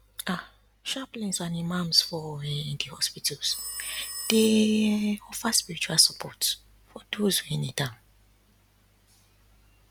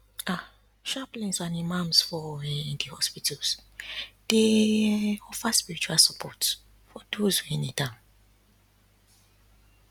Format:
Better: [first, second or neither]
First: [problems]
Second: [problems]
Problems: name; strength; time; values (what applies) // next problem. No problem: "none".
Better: second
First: background sound (Telephone); 13 dB below the speech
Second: none